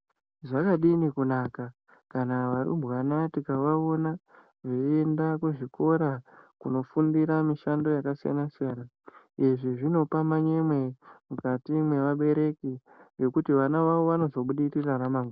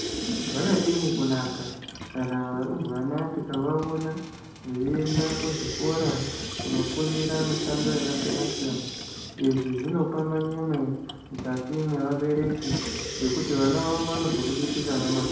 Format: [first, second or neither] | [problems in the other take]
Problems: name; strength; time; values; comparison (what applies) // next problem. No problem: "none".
first | background sound (Sink (filling or washing) / Water tap, faucet); 5 dB below the speech // room echo; dies away in 0.9 s